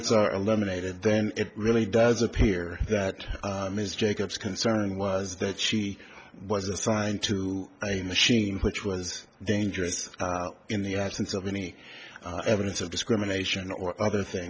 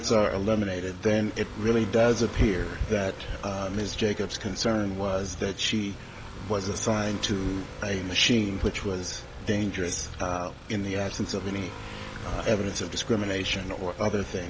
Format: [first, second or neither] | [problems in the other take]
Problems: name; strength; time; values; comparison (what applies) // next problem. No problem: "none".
first | background sound (Motorcycle / Accelerating, revving, vroom); 11 dB below the speech